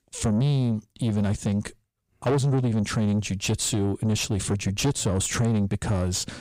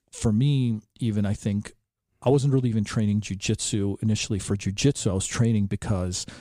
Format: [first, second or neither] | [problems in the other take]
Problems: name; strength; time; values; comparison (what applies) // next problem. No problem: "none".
second | distortion; slight; 10 dB below the speech